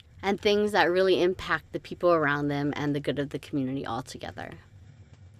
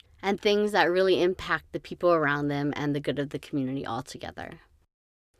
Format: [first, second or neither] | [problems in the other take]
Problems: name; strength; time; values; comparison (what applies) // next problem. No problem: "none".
second | hiss; faint; throughout; 25 dB below the speech